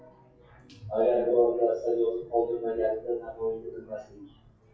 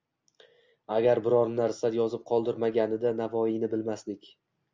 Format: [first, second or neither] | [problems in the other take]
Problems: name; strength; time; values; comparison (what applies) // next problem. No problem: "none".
second | noise reduction (classical method WPE with log-MMSE)